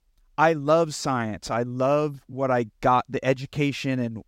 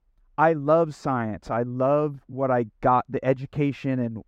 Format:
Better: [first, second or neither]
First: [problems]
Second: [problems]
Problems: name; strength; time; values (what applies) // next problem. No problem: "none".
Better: first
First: none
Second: muffled; very; fading above 2.5 kHz